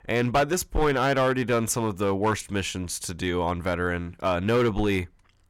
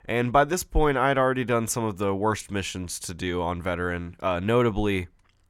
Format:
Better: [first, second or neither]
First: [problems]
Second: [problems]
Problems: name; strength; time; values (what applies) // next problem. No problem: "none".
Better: second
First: distortion; slight; 5% of the sound clipped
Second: none